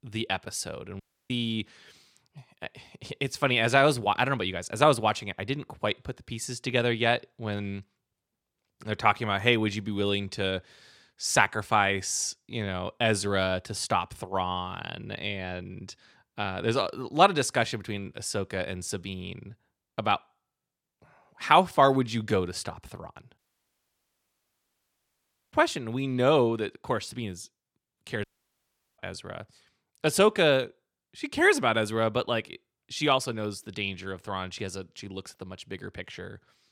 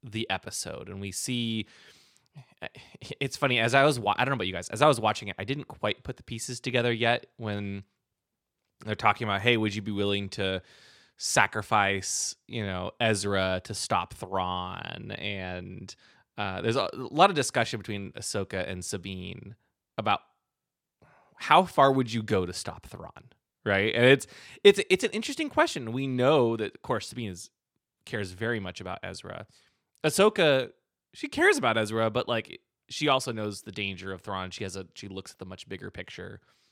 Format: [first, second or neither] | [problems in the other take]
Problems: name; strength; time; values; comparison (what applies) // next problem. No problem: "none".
second | audio cutting out; at 1 s, at 23 s for 2 s and at 28 s for 0.5 s